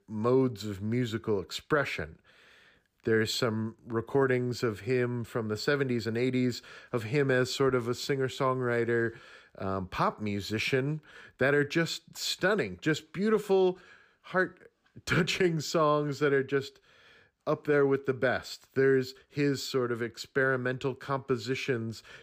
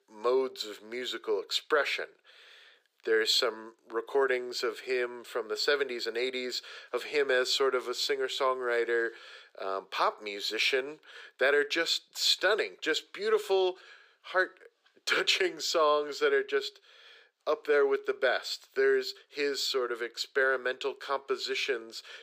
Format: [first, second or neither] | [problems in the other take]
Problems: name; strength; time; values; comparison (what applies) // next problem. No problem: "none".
first | thin; very; fading below 450 Hz